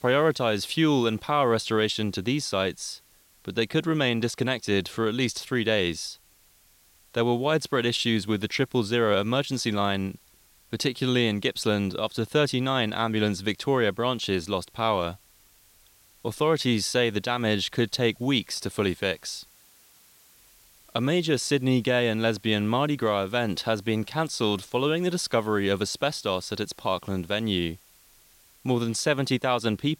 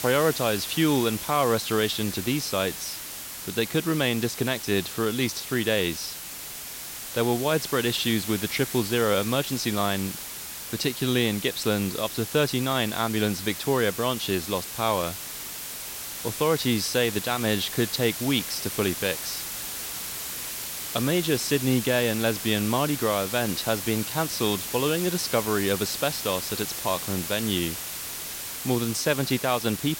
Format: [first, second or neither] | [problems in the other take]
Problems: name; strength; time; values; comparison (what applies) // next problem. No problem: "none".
first | hiss; loud; throughout; 6 dB below the speech; faint in the first